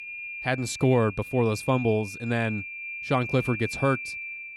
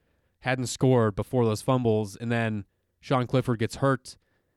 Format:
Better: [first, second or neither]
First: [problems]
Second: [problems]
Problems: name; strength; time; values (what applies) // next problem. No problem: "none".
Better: second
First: high-pitched whine; loud; throughout; 2.5 kHz, 8 dB below the speech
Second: none